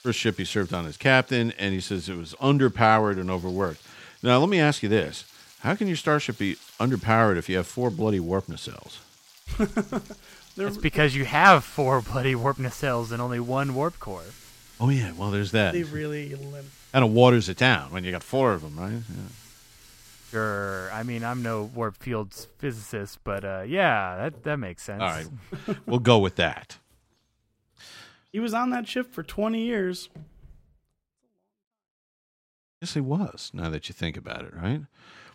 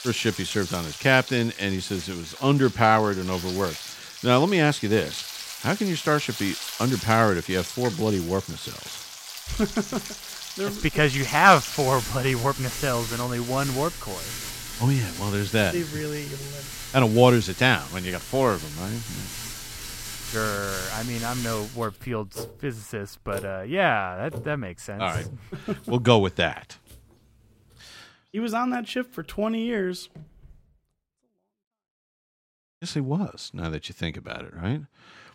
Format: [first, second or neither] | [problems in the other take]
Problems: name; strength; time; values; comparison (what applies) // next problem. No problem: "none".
first | household noises; loud; until 28 s; 10 dB below the speech; faint in the first